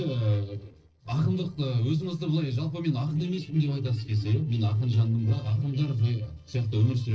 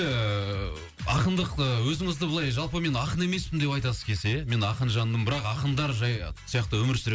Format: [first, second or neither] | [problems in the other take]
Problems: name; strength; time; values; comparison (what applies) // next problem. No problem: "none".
second | noise reduction (neural separator model SepFormer DNS4)